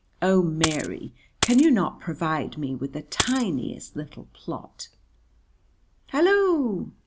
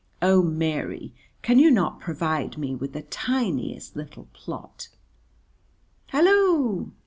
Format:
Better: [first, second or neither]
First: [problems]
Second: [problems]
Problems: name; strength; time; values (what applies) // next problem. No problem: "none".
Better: second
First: background sound (Coin (dropping)); 4 dB below the speech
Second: none